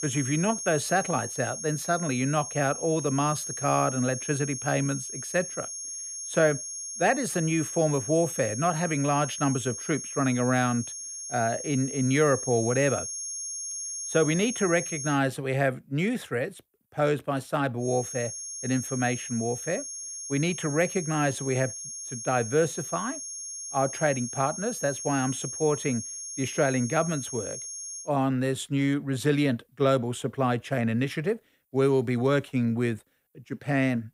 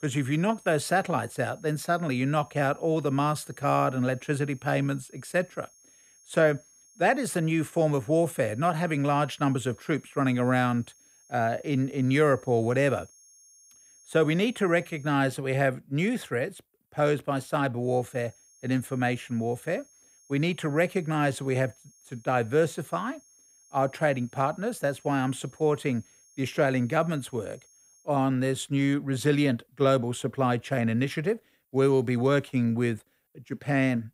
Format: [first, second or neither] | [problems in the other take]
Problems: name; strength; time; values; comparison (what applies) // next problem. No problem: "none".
second | high-pitched whine; loud; until 15 s and from 18 to 28 s; 6.5 kHz, 6 dB below the speech; faint in the second